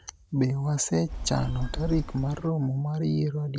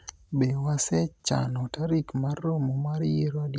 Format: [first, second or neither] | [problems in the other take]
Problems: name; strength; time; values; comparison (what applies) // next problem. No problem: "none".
second | background sound (Telephone); 6 dB below the speech